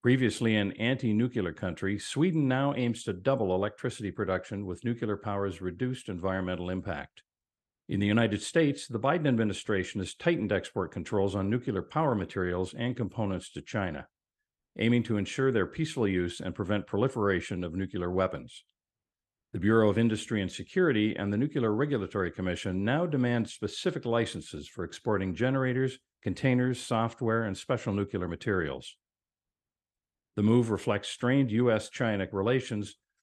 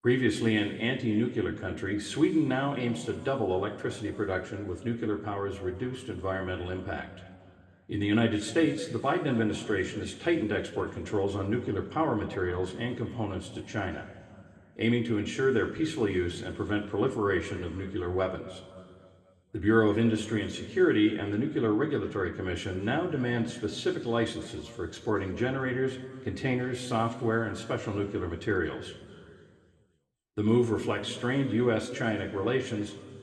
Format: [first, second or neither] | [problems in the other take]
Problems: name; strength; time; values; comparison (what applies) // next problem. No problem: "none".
first | room echo; slight; dies away in 2 s